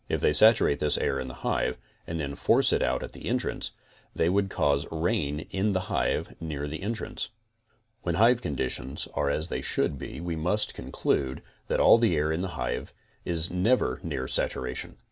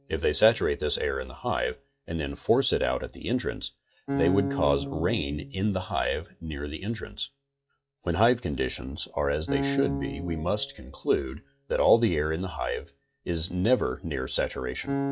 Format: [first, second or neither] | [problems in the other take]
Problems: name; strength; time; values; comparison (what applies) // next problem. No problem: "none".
first | noise reduction (classical method log-MMSE)